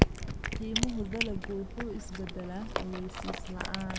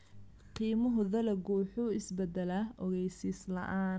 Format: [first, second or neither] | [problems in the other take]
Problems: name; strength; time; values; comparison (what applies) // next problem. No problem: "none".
second | background sound (Cat); 5 dB above the speech